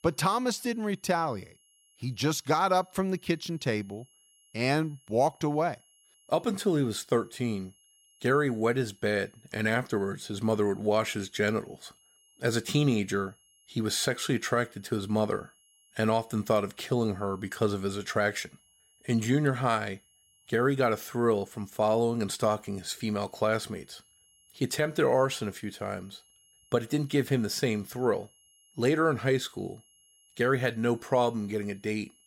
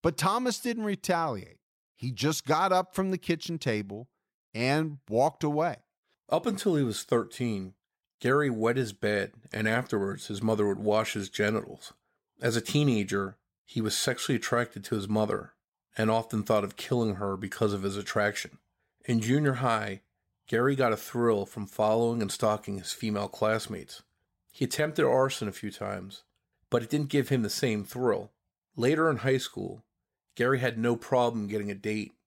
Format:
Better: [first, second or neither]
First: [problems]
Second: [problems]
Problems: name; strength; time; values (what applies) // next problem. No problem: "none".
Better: second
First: high-pitched whine; faint; throughout; 3 kHz, 30 dB below the speech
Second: none